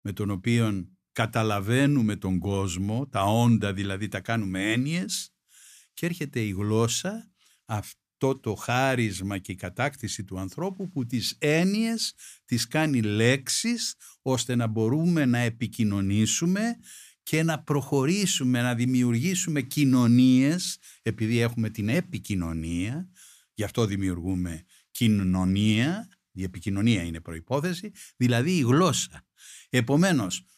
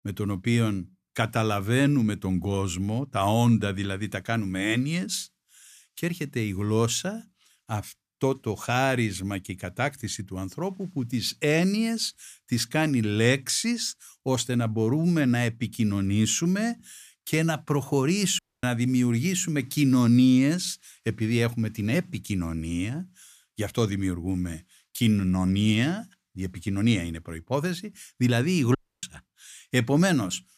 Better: first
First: none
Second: audio cutting out; at 18 s and at 29 s

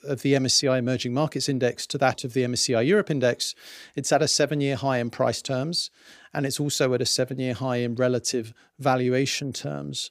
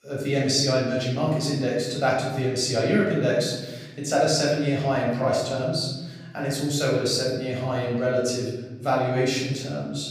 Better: first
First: none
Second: off-mic speech; far // room echo; noticeable; dies away in 1.2 s

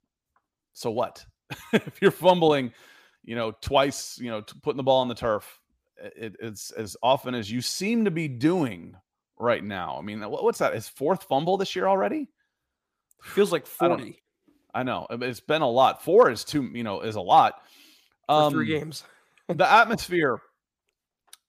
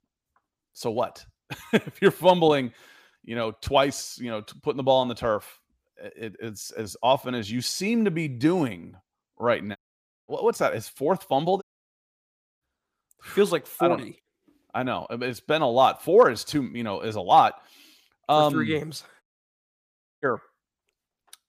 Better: first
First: none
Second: audio cutting out; at 10 s for 0.5 s, at 12 s for 1 s and at 19 s for 1 s

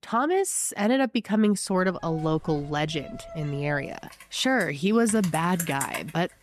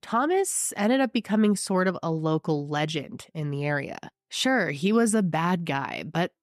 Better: second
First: household noises; noticeable; from 2 s on; 15 dB below the speech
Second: none

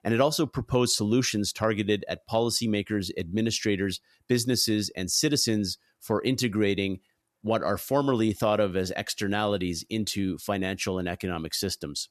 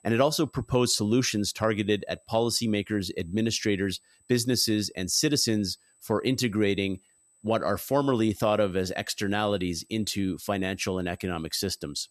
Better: first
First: none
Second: high-pitched whine; faint; throughout; 8 kHz, 35 dB below the speech

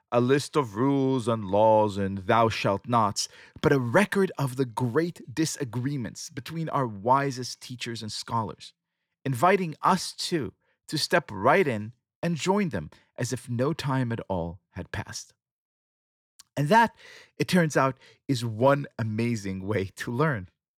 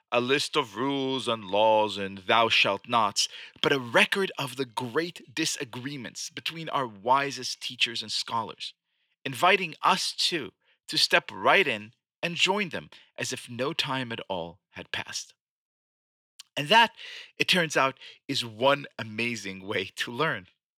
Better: first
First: none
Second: thin; very slightly; fading below 450 Hz

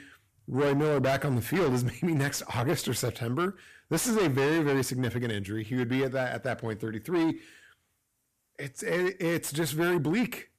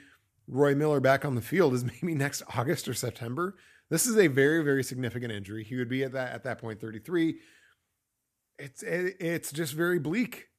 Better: second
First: distortion; heavy; 6 dB below the speech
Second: none

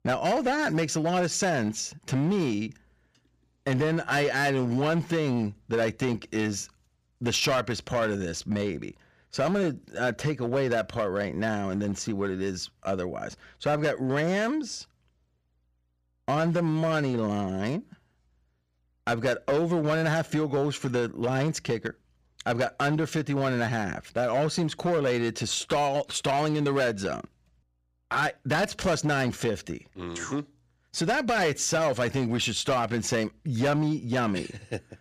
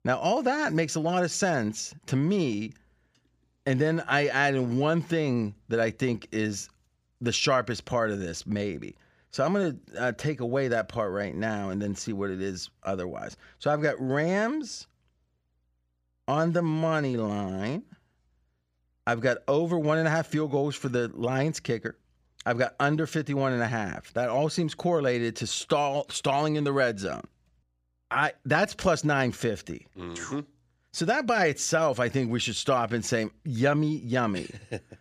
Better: second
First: distortion; slight; 9% of the sound clipped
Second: none

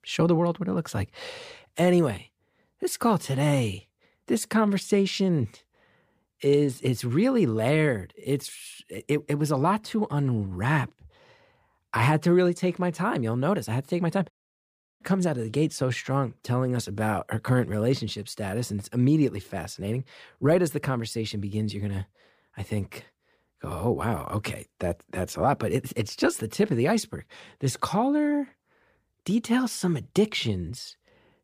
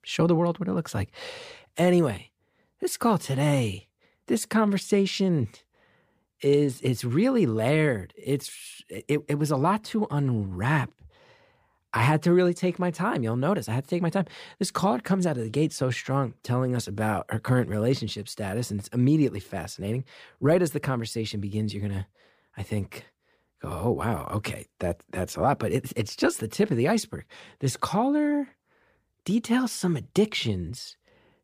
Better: second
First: audio cutting out; at 14 s for 0.5 s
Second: none

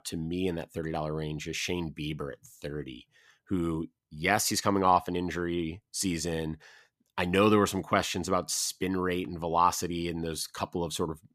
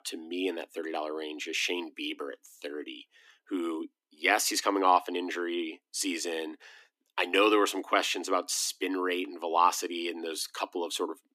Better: first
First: none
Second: thin; very slightly; fading below 250 Hz

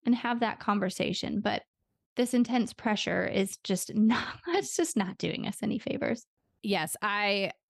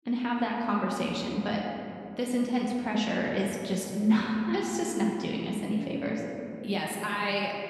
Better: first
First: none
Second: room echo; noticeable; dies away in 2.5 s // off-mic speech; somewhat distant

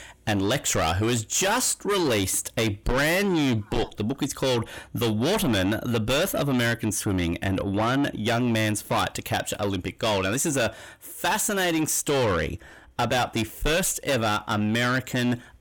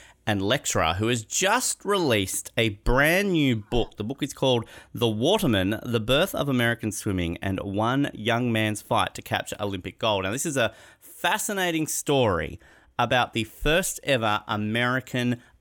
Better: second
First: distortion; heavy; 7 dB below the speech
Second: none

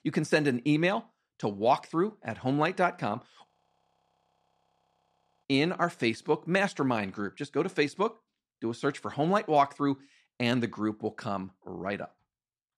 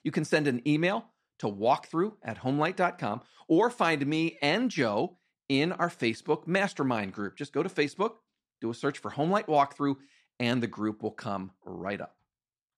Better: second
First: audio freezing; at 3.5 s for 2 s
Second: none

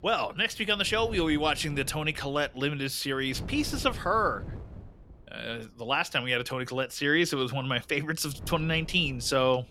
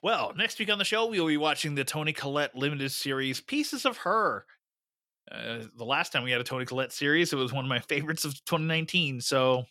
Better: second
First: wind noise on the microphone; occasional gusts; 20 dB below the speech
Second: none

